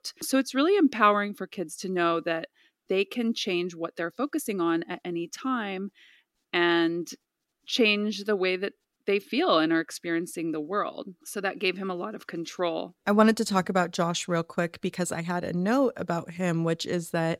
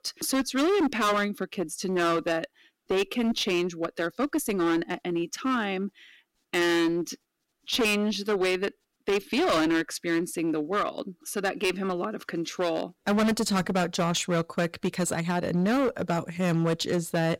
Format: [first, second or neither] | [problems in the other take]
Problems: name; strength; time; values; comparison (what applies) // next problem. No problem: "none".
first | distortion; heavy; 14% of the sound clipped